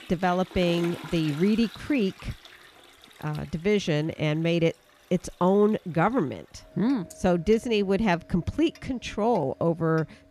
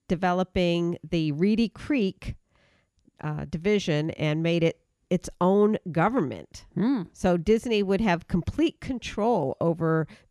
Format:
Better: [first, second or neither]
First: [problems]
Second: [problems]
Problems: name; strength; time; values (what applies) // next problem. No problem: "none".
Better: second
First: household noises; faint; throughout; 20 dB below the speech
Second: none